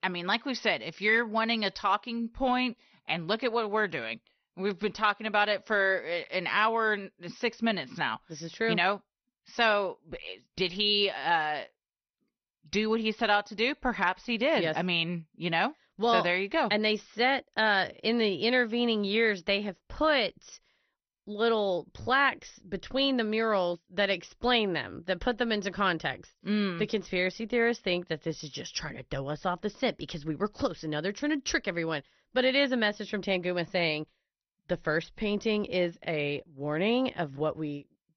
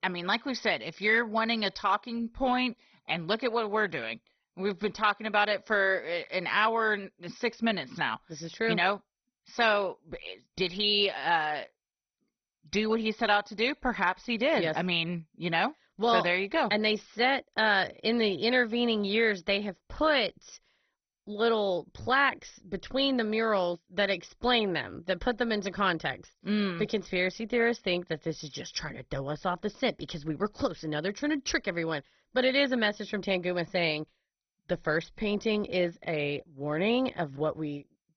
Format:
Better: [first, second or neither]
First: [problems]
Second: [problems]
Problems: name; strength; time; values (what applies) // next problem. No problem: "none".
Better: first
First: garbled, watery; slightly; nothing above 6 kHz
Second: garbled, watery; badly; nothing above 6 kHz